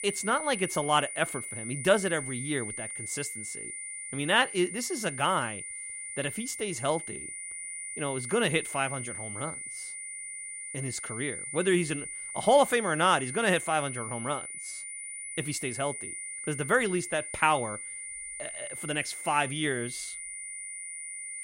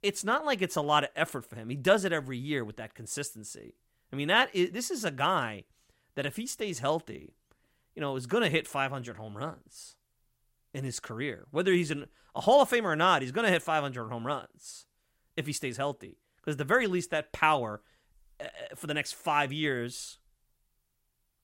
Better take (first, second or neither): second